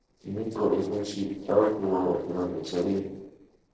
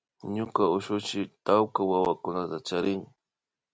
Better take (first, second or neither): second